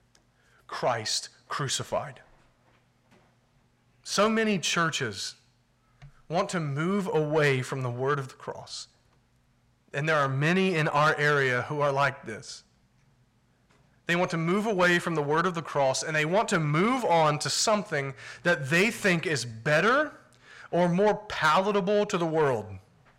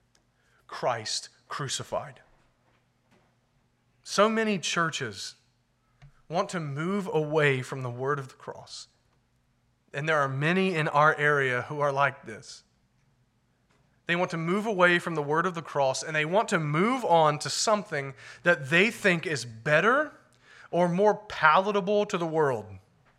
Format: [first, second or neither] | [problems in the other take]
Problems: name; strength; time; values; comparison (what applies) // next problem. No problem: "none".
second | distortion; slight; 10 dB below the speech